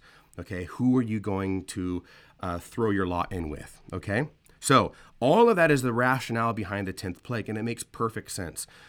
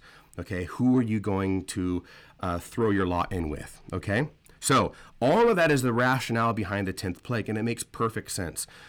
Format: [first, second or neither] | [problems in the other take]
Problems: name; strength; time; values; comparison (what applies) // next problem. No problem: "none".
first | distortion; slight; 10 dB below the speech